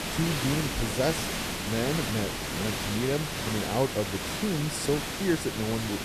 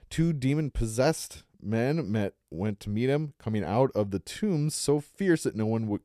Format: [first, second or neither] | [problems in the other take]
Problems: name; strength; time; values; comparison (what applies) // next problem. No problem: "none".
second | hiss; loud; throughout; 1 dB below the speech